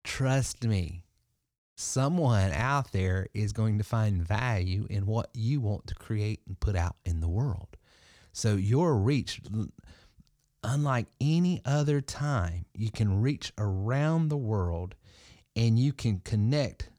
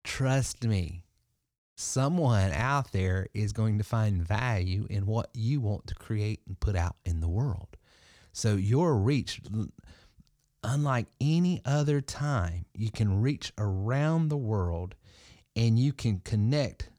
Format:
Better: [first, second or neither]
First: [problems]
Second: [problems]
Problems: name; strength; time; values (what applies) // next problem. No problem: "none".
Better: neither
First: none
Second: none